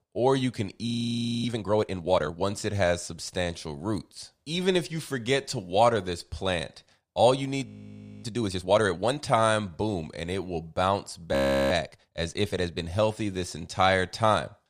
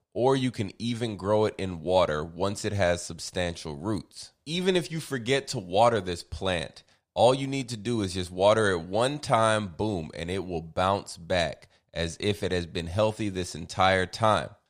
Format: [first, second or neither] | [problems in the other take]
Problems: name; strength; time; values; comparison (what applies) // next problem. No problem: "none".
second | audio freezing; at 1 s for 0.5 s, at 7.5 s for 0.5 s and at 11 s